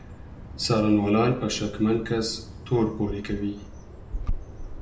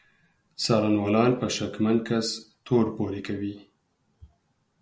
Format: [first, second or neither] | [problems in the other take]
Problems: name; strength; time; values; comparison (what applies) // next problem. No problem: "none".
second | background sound (Bird vocalization, bird call, bird song); 9 dB below the speech // room echo; dies away in 0.5 s